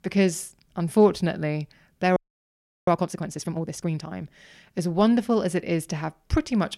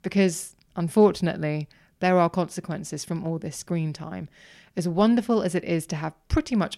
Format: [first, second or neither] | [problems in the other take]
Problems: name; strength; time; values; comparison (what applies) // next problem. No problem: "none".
second | audio freezing; at 2 s for 0.5 s